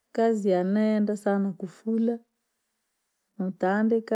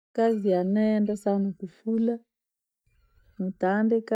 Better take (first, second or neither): first